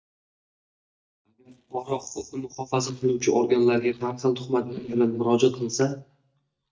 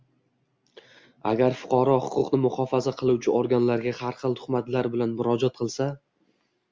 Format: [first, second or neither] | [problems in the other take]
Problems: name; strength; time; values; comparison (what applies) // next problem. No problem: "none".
second | noise reduction (neural mask model DeepFilterNet 3)